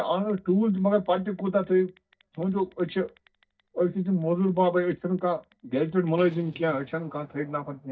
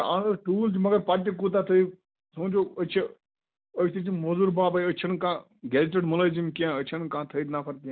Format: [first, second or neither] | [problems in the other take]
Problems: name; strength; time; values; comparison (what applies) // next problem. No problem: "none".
second | noise reduction (neural mask model DeepFilterNet 3)